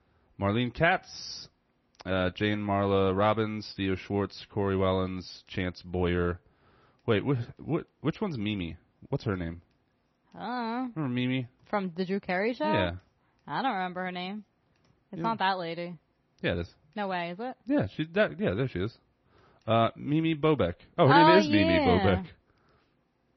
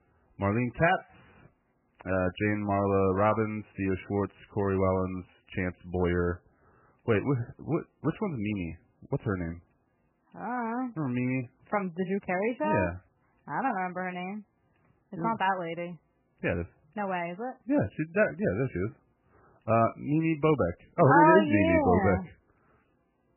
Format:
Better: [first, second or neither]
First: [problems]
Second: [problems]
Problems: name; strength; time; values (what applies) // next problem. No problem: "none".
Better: first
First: garbled, watery; slightly; nothing above 6 kHz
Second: garbled, watery; badly; nothing above 3 kHz